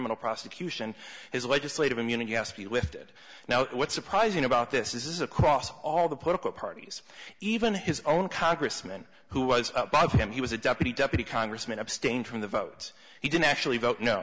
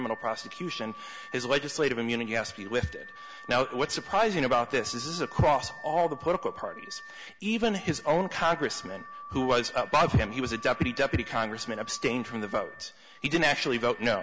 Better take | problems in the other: first | background sound (Alarm / Car); 17 dB below the speech

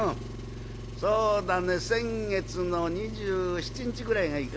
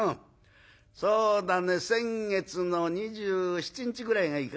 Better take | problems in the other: second | background sound (Engine); 9 dB below the speech

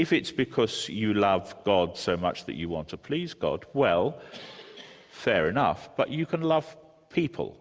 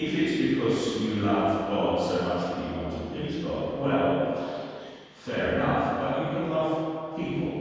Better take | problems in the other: first | room echo; dies away in 2.1 s

